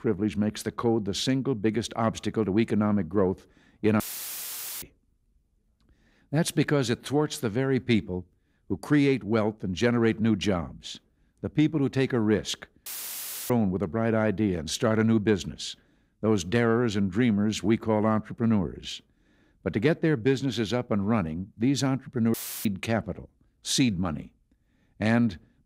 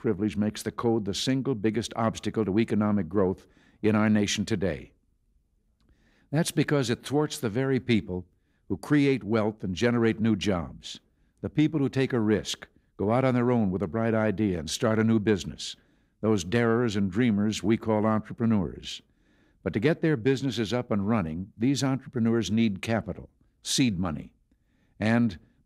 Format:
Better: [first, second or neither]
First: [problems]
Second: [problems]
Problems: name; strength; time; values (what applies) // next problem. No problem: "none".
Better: second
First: audio cutting out; filled with static; at 4 s for 1 s, at 13 s for 0.5 s and at 22 s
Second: none